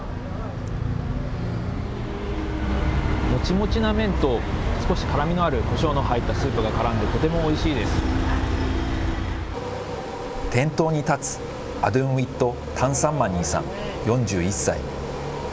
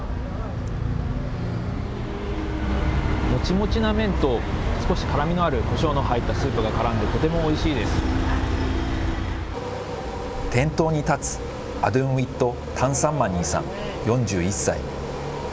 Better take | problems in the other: first | background sound (Boom); 18 dB below the speech

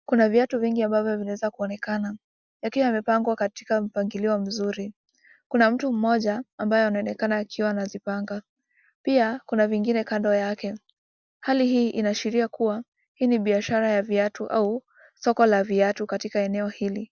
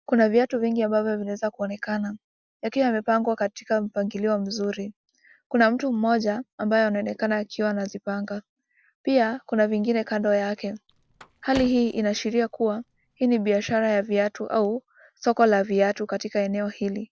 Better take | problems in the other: first | background sound (Car); 20 dB below the speech

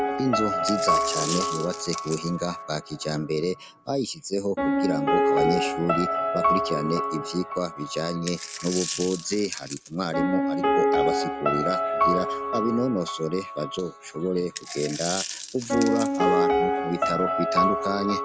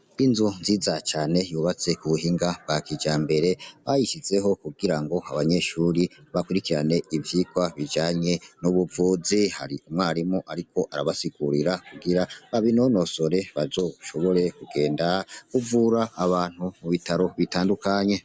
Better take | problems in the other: second | background sound (Coin (dropping) + Piano); 2 dB above the speech

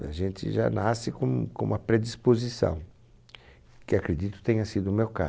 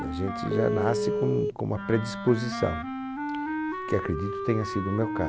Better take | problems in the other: first | background sound (Telephone + Wind instrument, woodwind instrument); 2 dB below the speech

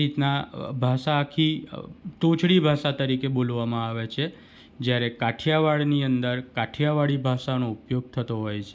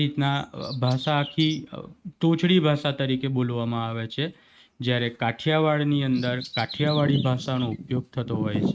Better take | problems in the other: first | noise reduction (neural mask model RNNoise)

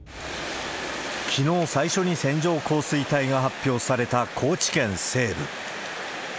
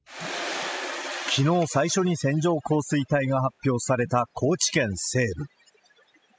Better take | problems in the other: first | noise reduction (classical method spectral subtraction)

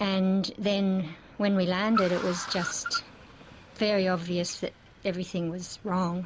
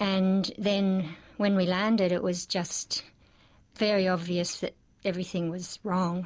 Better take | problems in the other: second | background sound (Car); 12 dB below the speech

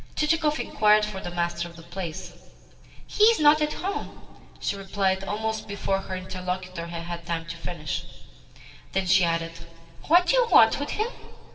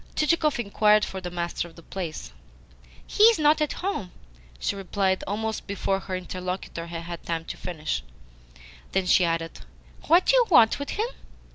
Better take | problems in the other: second | room echo; dies away in 1.9 s

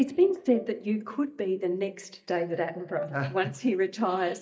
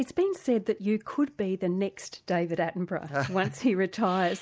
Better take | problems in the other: second | noise reduction (neural mask model DeepFilterNet 3)

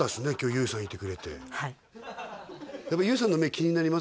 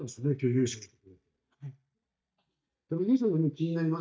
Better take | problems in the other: first | noise reduction (neural mask model DeepFilterNet 3)

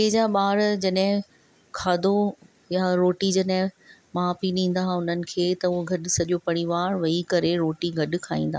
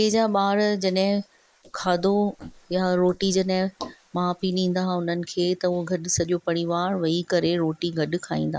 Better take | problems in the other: first | noise reduction (neural mask model Resemble Enhance denoiser)

